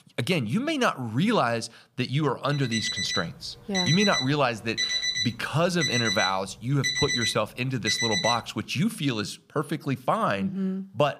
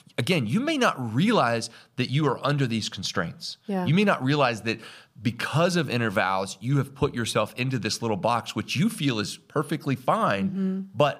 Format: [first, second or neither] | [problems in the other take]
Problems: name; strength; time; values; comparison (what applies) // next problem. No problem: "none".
second | alarm; loud; from 2.5 to 8.5 s; peak 3 dB above the speech